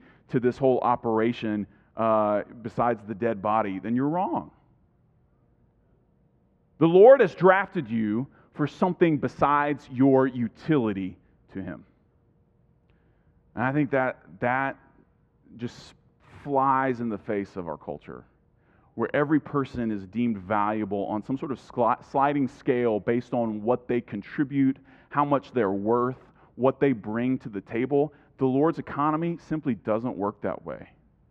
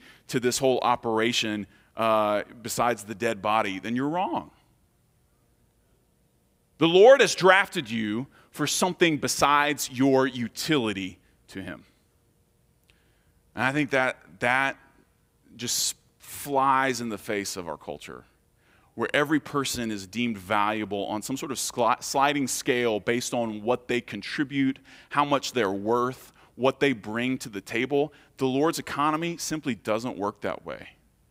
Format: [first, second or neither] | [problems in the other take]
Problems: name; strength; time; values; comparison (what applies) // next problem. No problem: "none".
second | muffled; very; fading above 1.5 kHz